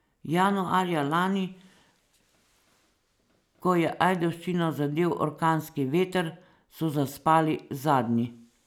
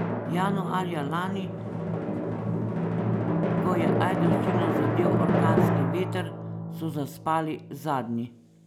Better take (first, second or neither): first